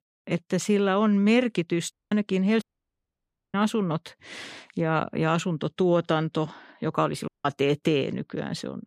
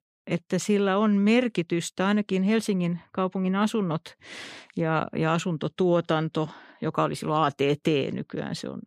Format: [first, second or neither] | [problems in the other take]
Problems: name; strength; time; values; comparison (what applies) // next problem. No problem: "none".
second | audio cutting out; at 2 s, at 2.5 s for 1 s and at 7.5 s